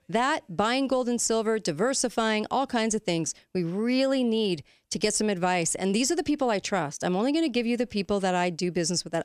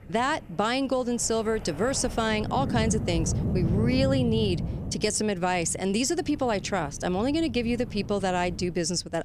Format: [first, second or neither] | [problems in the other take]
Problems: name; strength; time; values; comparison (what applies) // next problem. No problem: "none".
first | wind noise on the microphone; occasional gusts; 15 dB below the speech